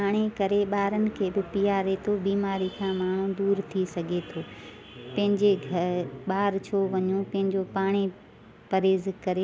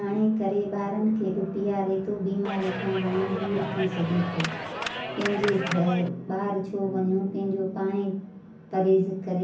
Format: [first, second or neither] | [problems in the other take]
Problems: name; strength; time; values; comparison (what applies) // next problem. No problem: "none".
first | background sound (Clapping); 6 dB below the speech // room echo; dies away in 0.6 s